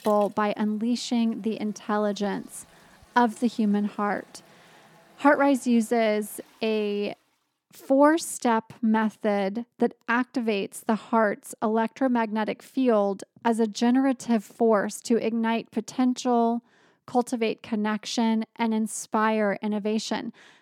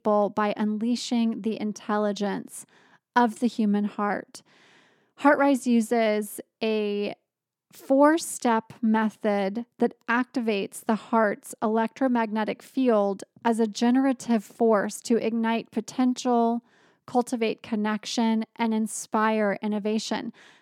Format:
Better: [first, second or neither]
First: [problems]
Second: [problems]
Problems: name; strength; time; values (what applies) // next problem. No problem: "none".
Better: second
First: household noises; faint; until 7 s; 30 dB below the speech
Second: none